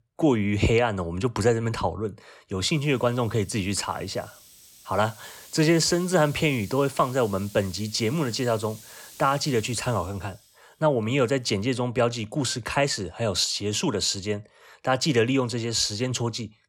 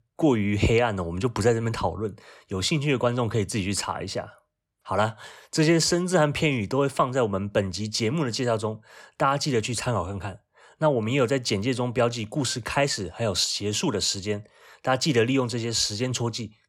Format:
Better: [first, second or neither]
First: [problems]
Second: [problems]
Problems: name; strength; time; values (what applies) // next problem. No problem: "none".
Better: second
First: hiss; faint; from 2.5 to 12 s; 20 dB below the speech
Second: none